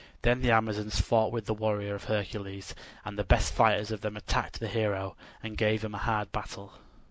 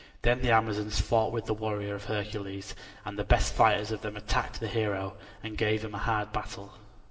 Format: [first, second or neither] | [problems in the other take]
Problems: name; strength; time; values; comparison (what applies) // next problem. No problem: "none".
first | room echo; dies away in 1.8 s